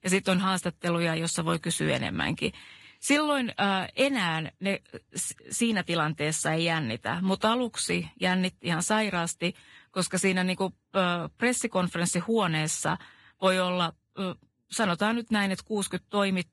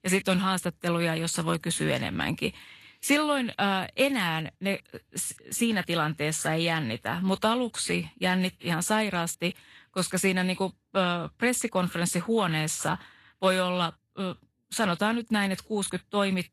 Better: second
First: garbled, watery; badly; nothing above 10.5 kHz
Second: garbled, watery; slightly; nothing above 11.5 kHz

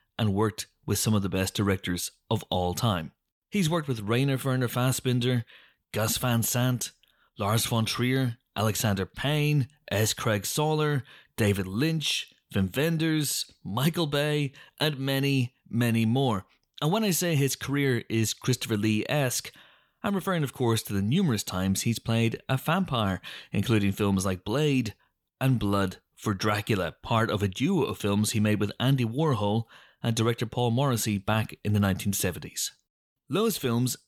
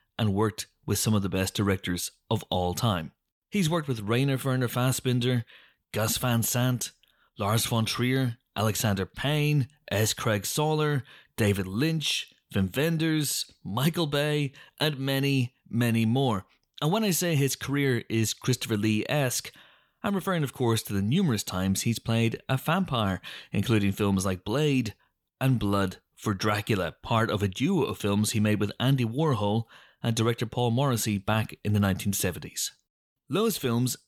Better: neither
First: none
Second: none

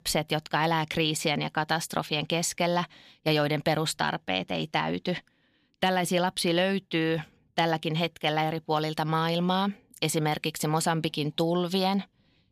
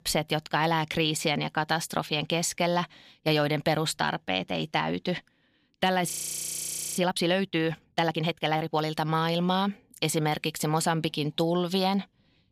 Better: first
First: none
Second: audio freezing; at 6 s for 1 s

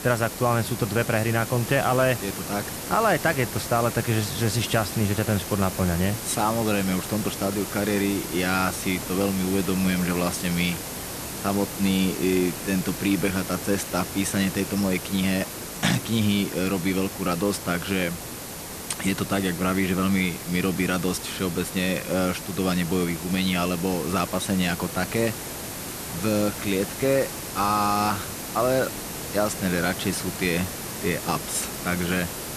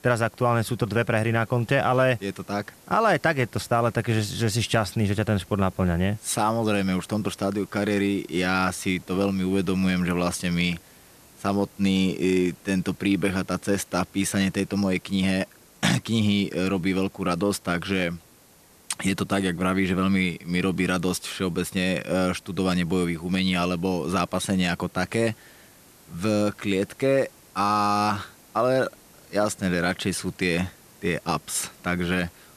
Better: second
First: hiss; loud; throughout; 7 dB below the speech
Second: hiss; faint; throughout; 25 dB below the speech

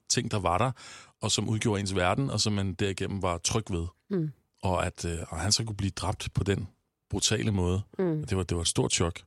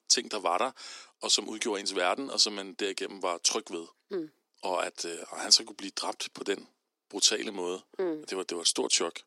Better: first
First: none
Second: thin; somewhat; fading below 300 Hz

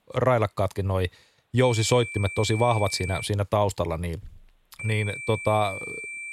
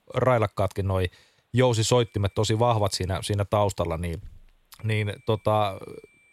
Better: second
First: high-pitched whine; loud; from 1.5 to 3.5 s and from 5 s on; 2.5 kHz, 9 dB below the speech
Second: high-pitched whine; faint; from 1.5 to 3.5 s and from 5 s on; 2.5 kHz, 35 dB below the speech

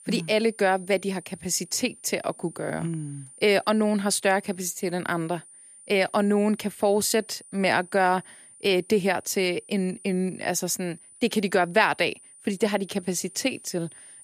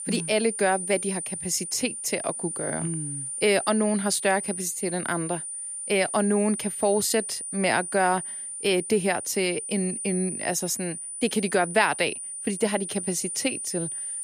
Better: first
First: high-pitched whine; faint; throughout; 9.5 kHz, 20 dB below the speech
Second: high-pitched whine; loud; throughout; 9.5 kHz, 5 dB below the speech

